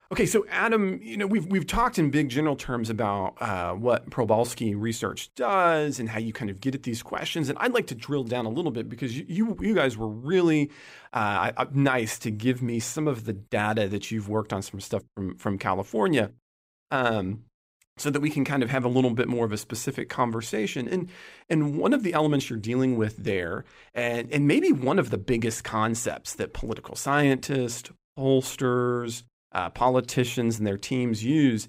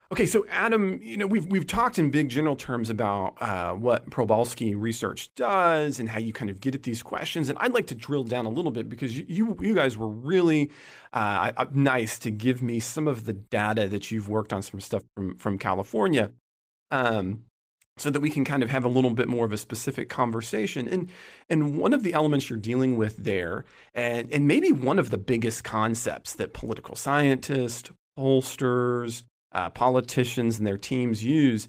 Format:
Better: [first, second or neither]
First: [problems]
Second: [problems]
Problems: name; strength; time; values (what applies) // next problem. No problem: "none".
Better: first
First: none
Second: garbled, watery; slightly; nothing above 15.5 kHz